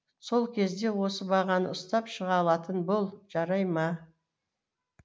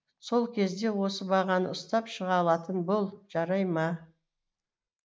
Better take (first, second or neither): first